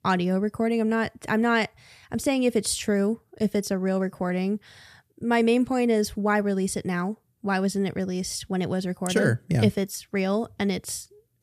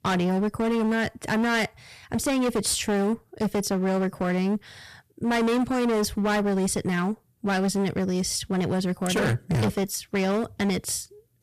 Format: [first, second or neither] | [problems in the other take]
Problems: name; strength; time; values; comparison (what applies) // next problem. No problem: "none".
first | distortion; heavy; 22% of the sound clipped